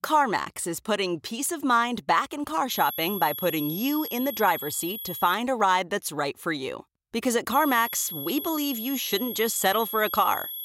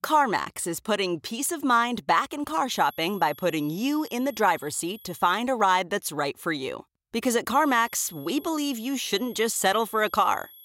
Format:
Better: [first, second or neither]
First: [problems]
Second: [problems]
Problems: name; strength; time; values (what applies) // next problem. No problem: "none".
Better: second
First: high-pitched whine; loud; from 2.5 to 5.5 s and from 7.5 s on; 11.5 kHz, 7 dB below the speech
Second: high-pitched whine; faint; from 2.5 to 5.5 s and from 7.5 s on; 11.5 kHz, 20 dB below the speech